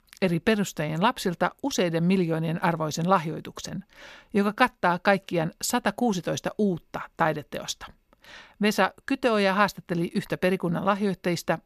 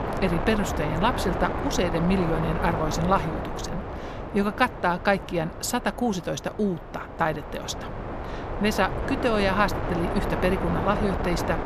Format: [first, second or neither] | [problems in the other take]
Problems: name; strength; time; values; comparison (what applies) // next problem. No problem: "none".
first | wind noise on the microphone; heavy; 5 dB below the speech